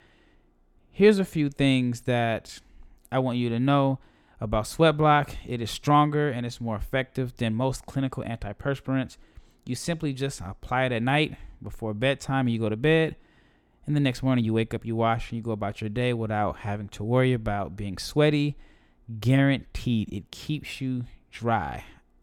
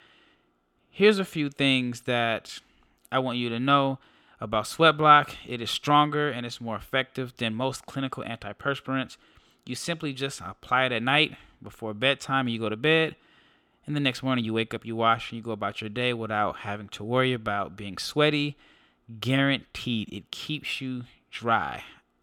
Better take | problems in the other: first | thin; very slightly; fading below 400 Hz

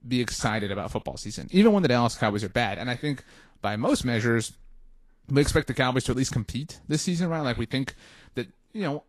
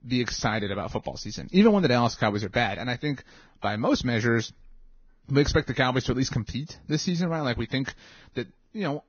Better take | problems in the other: first | garbled, watery; badly; nothing above 6.5 kHz; slightly in the first

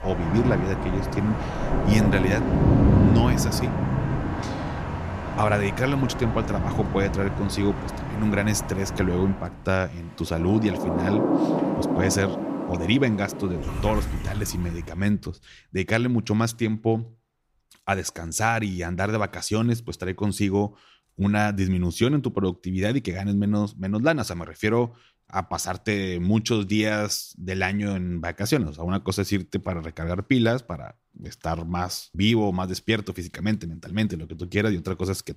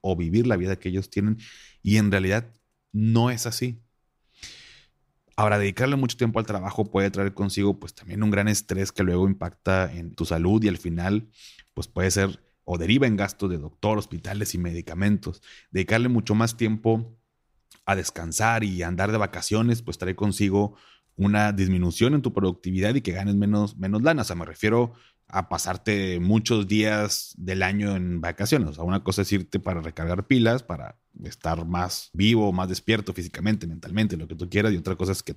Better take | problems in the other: second | rain or running water; loud; until 14 s; 1 dB below the speech

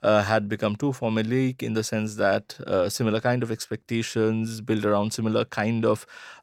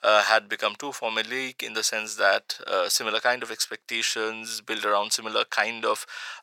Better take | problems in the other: first | thin; very; fading below 900 Hz

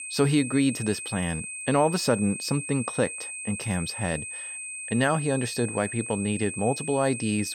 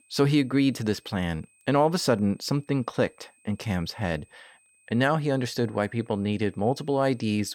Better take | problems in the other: second | high-pitched whine; loud; throughout; 2.5 kHz, 7 dB below the speech; faint in the second

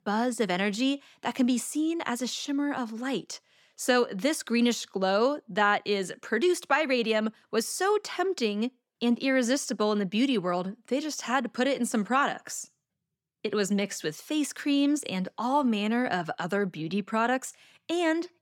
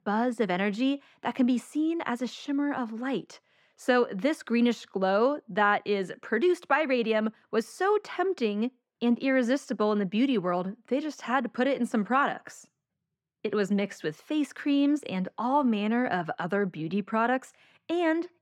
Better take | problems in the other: first | muffled; slightly; fading above 3.5 kHz

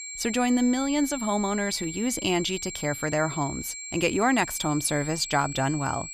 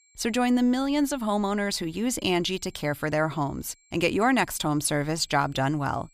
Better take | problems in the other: second | high-pitched whine; loud; throughout; 7.5 kHz, 9 dB below the speech; faint in the second

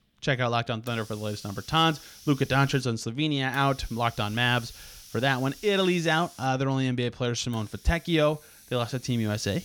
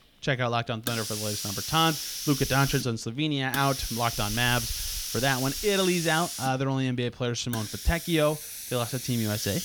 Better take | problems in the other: first | hiss; loud; throughout; 5 dB below the speech; faint in the first

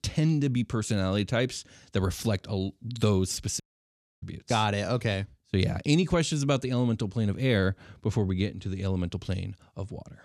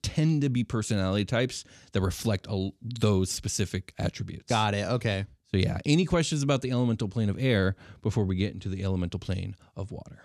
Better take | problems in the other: second | audio cutting out; at 3.5 s for 0.5 s

